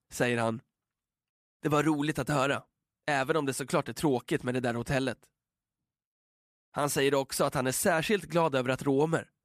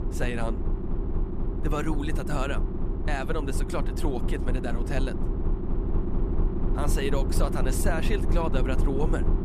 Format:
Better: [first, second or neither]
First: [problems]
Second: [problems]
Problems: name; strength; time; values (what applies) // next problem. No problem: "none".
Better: first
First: none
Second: low rumble; loud; throughout; 5 dB below the speech